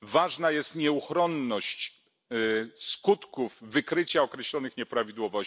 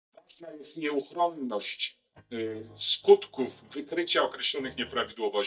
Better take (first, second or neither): first